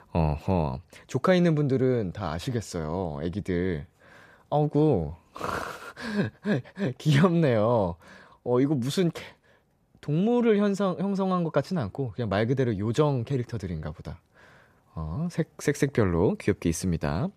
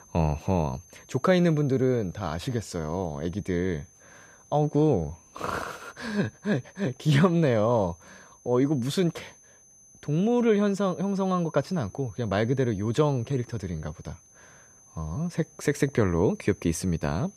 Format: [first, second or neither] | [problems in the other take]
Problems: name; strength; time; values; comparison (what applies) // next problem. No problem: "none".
first | high-pitched whine; faint; throughout; 6 kHz, 25 dB below the speech